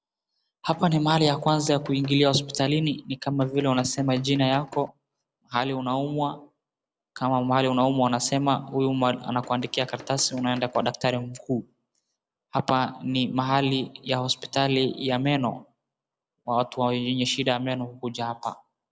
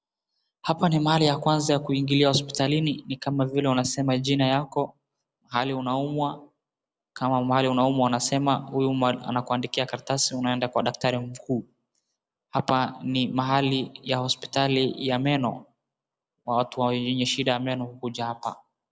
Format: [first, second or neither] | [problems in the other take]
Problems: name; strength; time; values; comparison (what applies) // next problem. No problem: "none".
second | background sound (Tools); 20 dB below the speech